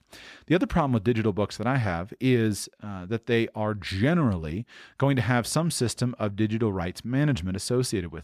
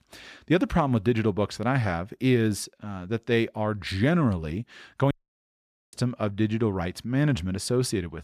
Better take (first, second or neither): first